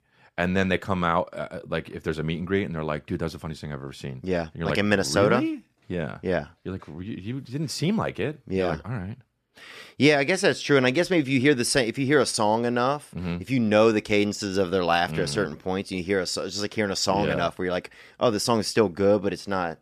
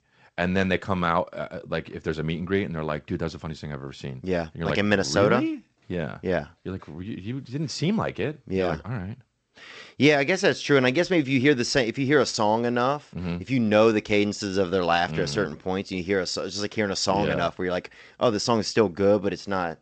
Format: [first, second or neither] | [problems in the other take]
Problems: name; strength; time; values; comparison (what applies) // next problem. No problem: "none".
first | garbled, watery; slightly; nothing above 8 kHz